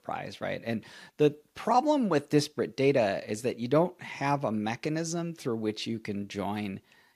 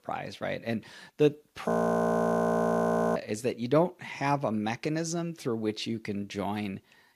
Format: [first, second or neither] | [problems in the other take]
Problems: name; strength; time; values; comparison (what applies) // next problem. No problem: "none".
first | audio freezing; at 1.5 s for 1.5 s